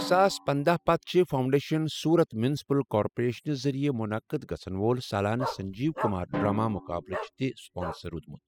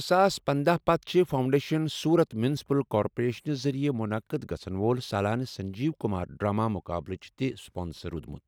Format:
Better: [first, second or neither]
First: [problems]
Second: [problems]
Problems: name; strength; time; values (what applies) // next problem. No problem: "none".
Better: second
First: noise reduction (classical method spectral subtraction)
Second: none